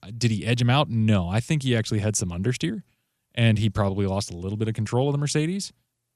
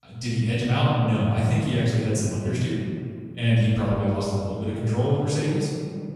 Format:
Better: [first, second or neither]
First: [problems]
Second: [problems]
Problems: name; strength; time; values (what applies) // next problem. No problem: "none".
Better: first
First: none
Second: room echo; strong; dies away in 2.1 s // off-mic speech; far